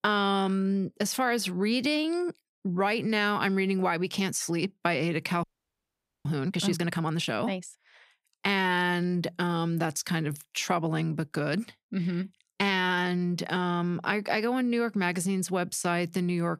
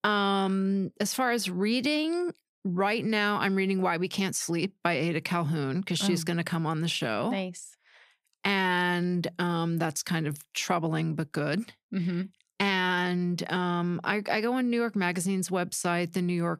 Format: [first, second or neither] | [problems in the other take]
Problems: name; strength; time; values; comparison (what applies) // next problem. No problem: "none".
second | audio freezing; at 5.5 s for 1 s